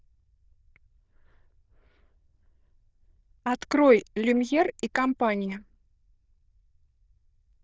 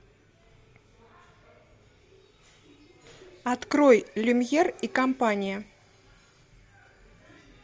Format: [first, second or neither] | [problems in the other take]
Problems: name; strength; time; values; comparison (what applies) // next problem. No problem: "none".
second | noise reduction (neural diffusion model UNIVERSE++)